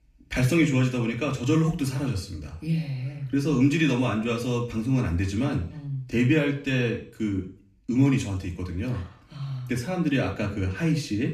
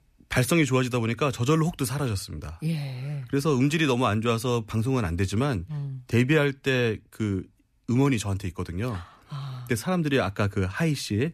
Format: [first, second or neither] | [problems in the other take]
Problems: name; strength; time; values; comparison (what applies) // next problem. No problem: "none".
second | room echo; slight; dies away in 0.5 s // off-mic speech; somewhat distant